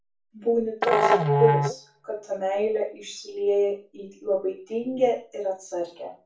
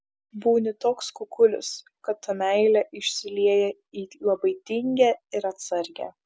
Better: second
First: background sound (Musical instrument); 2 dB above the speech // room echo; dies away in 0.3 s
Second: none

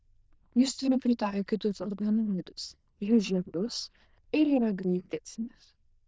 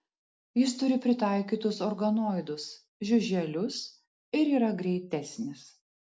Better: second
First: noise reduction (neural diffusion model UNIVERSE++)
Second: none

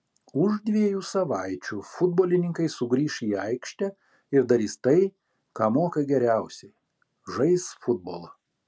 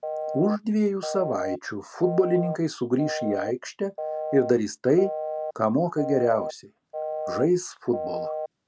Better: first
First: none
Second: background sound (Telephone); 7 dB below the speech

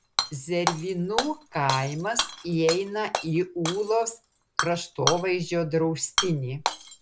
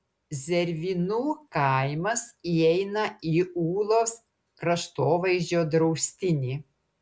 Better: second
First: background sound (Shatter / Hammer); 5 dB below the speech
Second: none

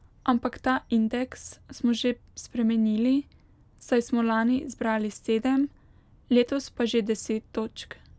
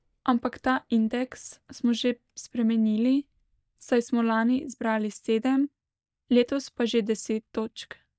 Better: first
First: none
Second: noise reduction (neural mask model DeepFilterNet 3)

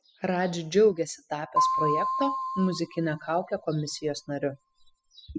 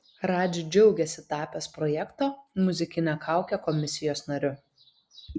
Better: second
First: noise reduction (classical method spectral subtraction)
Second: none

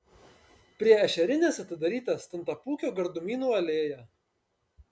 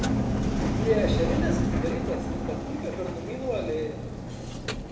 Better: first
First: none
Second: background sound (Engine); 4 dB above the speech // room echo; dies away in 1.1 s

